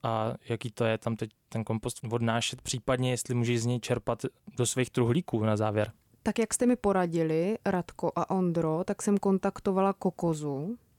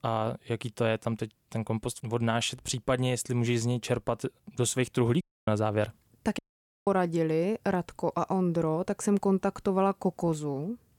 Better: first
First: none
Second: audio cutting out; at 5 s and at 6.5 s

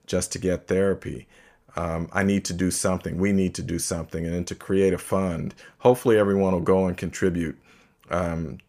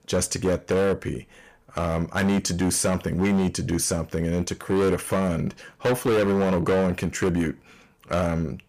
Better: first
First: none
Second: distortion; heavy; 13% of the sound clipped

